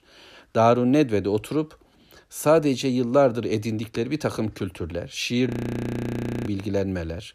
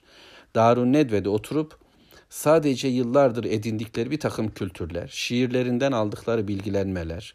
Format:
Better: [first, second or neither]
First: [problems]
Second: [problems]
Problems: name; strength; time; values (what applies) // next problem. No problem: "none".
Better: second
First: audio freezing; at 5.5 s for 1 s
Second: none